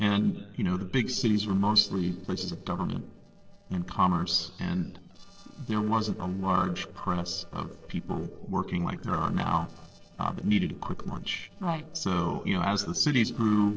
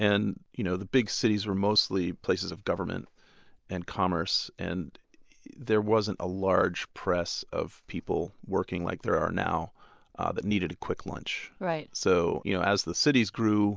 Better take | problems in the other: second | noise reduction (neural separator model SepFormer DNS4)

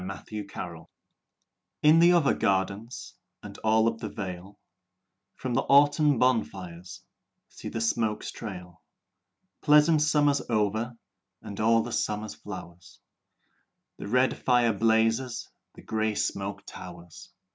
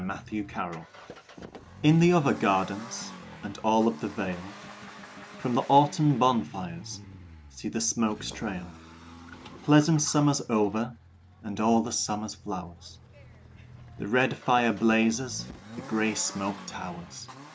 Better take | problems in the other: first | background sound (Accelerating, revving, vroom); 17 dB below the speech

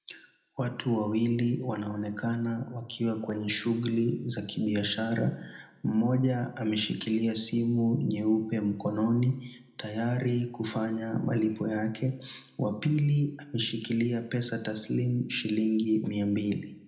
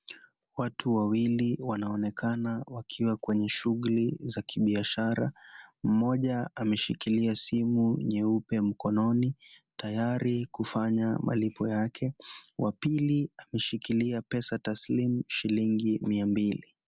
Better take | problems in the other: second | room echo; dies away in 0.7 s

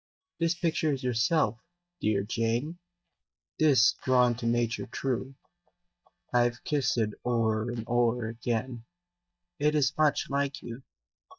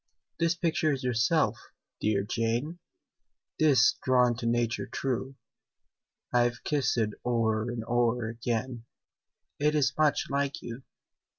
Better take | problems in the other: second | noise reduction (neural mask model DeepFilterNet 3)

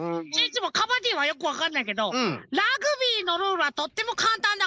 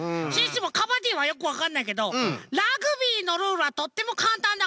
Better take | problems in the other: second | noise reduction (neural mask model Resemble Enhance denoiser)

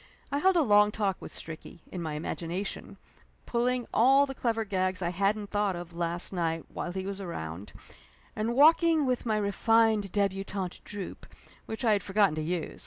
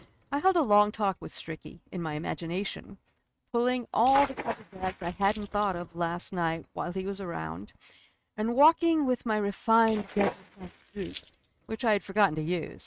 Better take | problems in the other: first | noise reduction (neural mask model RNNoise)

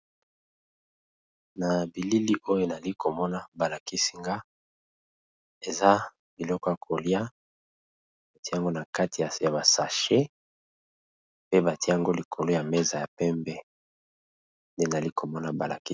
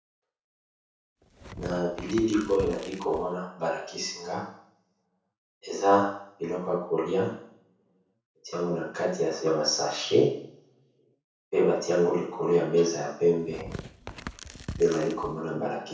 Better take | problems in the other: first | background sound (Tearing); 13 dB below the speech // room echo; dies away in 0.6 s

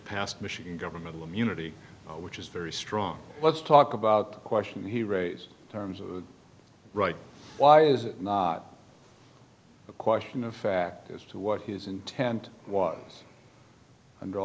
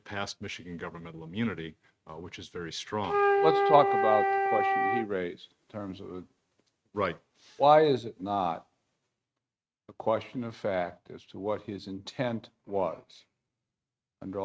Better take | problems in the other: first | noise reduction (neural mask model RNNoise)

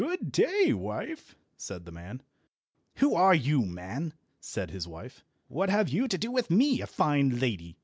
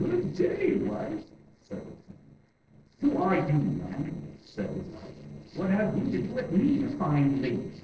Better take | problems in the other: first | noise reduction (neural separator model SepFormer DNS4)

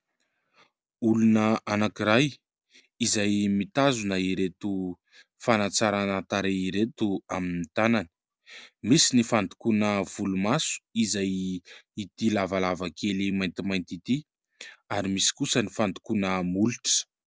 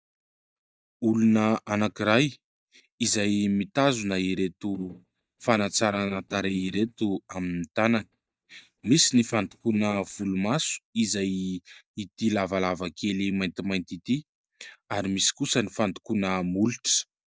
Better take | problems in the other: first | noise reduction (neural mask model DeepFilterNet 3)

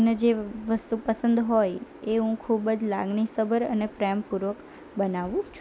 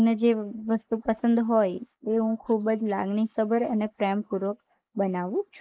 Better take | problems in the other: first | noise reduction (neural mask model Resemble Enhance denoiser)

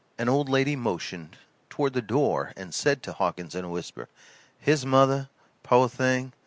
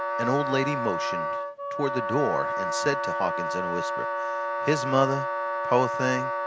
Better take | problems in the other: first | background sound (Wind instrument, woodwind instrument); as loud as the speech

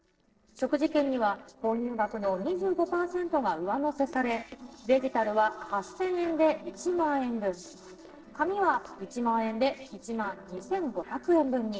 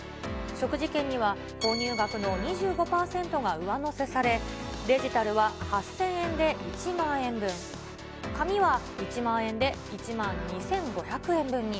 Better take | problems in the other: second | noise reduction (neural separator model SepFormer DNS4)

